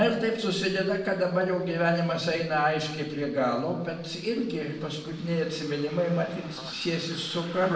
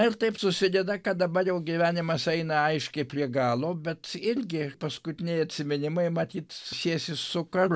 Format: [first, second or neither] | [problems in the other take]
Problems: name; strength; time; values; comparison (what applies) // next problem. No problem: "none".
second | noise reduction (neural separator model SepFormer DNS4)